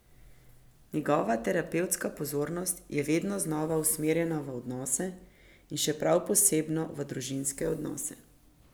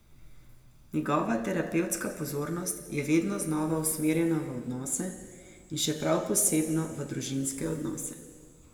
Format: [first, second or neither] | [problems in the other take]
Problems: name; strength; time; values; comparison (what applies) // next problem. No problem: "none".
first | room echo; dies away in 1.6 s